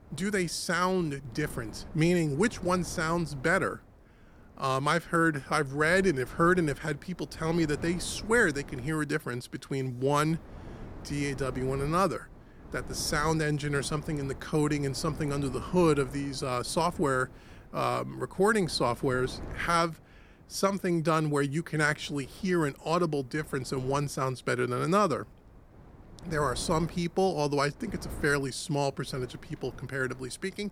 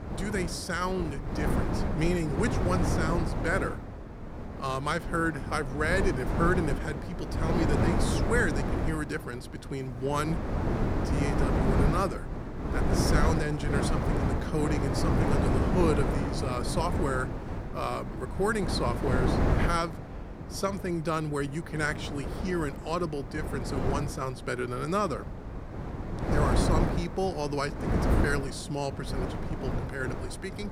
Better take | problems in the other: first | wind noise on the microphone; heavy; 3 dB below the speech; occasional gusts in the first

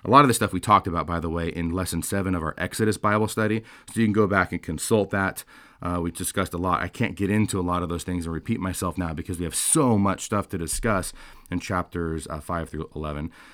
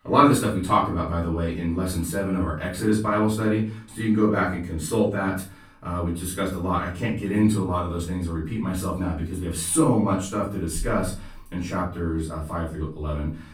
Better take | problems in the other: first | off-mic speech; far // room echo; slight; dies away in 0.4 s

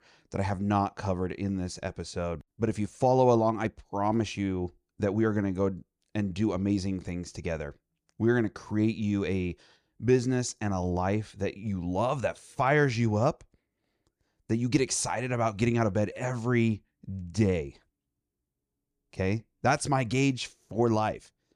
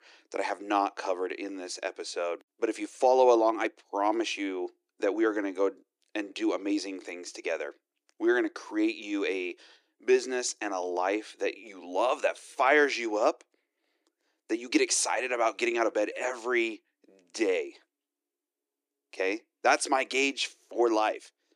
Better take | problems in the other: first | thin; very; fading below 300 Hz

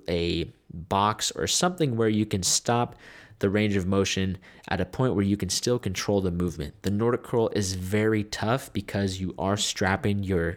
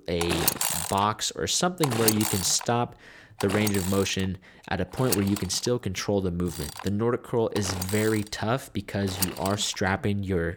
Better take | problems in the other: first | machinery noise; loud; throughout; 3 dB below the speech

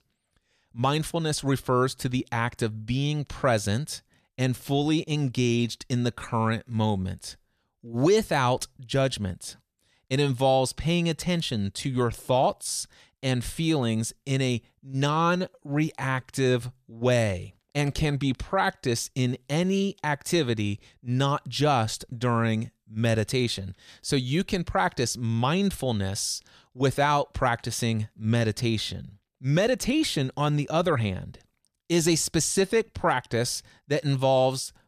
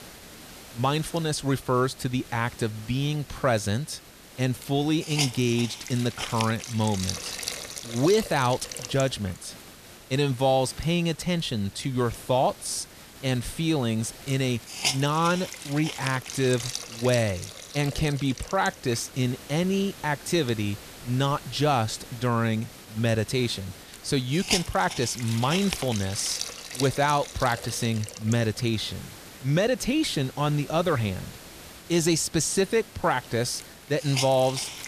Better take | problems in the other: first | hiss; loud; throughout; 10 dB below the speech

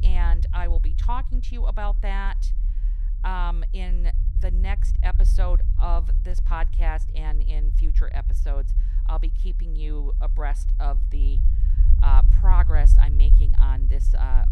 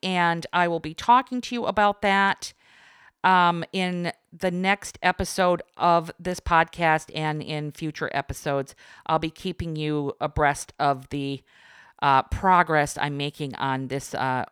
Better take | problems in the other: second | low rumble; noticeable; throughout; 10 dB below the speech

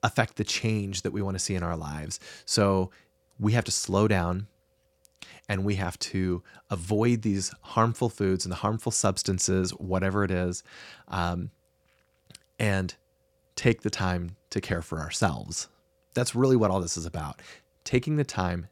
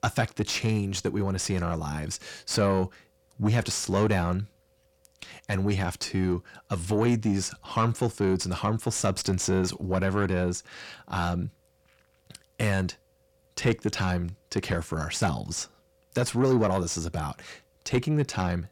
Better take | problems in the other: first | distortion; slight; 10 dB below the speech

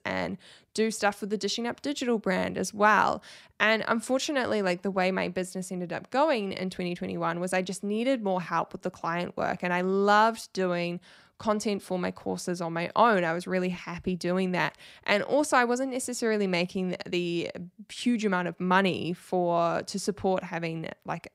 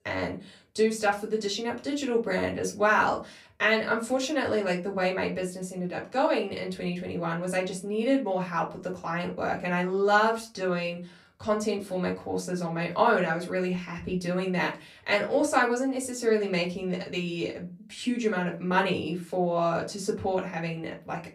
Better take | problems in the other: first | off-mic speech; far // room echo; very slight; dies away in 0.2 s

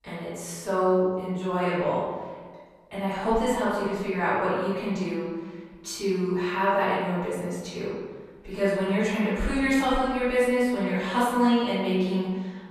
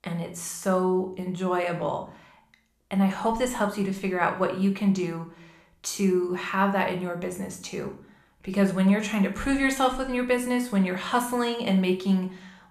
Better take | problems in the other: second | room echo; strong; dies away in 1.3 s; slight in the second // off-mic speech; far

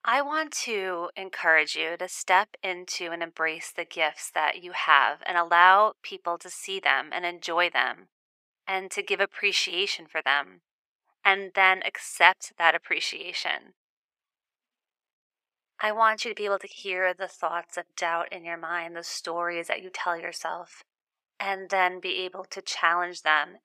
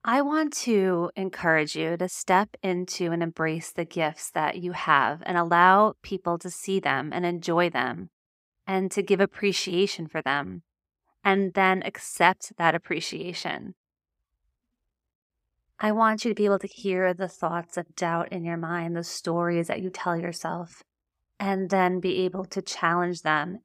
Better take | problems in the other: second | thin; very; fading below 600 Hz

